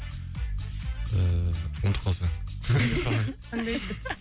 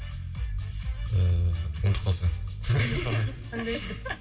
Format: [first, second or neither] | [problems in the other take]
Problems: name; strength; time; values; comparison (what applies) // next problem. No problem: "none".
first | room echo; dies away in 1.7 s